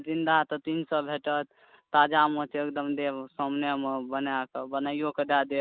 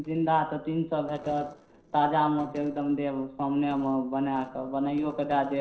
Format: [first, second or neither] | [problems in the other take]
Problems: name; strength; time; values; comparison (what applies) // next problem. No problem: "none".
first | noise reduction (neural separator model SepFormer DNS4)